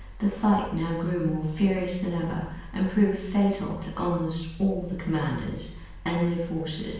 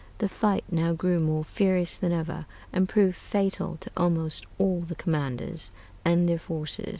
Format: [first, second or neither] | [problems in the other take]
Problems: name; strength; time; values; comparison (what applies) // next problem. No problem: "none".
second | room echo; dies away in 0.7 s